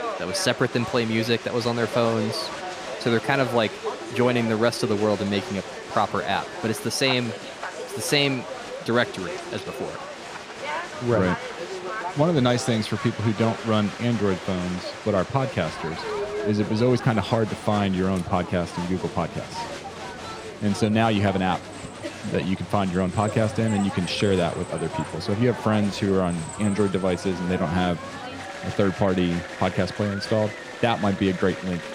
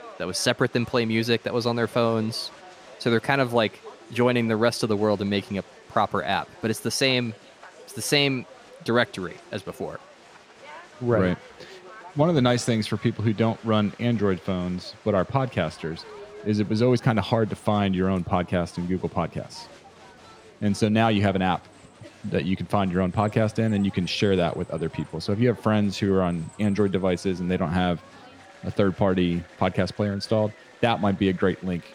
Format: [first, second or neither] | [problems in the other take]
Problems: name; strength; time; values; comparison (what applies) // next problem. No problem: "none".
second | crowd noise; loud; throughout; 9 dB below the speech; faint in the second